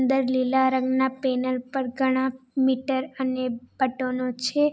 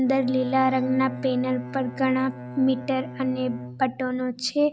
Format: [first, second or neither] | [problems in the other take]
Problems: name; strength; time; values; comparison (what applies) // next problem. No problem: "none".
first | background sound (Bowed string instrument); 12 dB below the speech